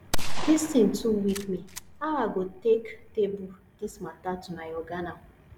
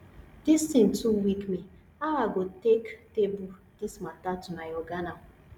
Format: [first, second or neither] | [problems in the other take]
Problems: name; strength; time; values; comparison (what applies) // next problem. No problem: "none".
second | background sound (Gunshot, gunfire); as loud as the speech